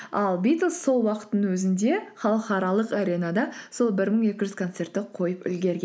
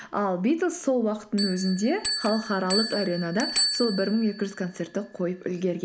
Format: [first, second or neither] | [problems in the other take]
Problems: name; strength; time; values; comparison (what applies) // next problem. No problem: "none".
first | background sound (Bell); 7 dB below the speech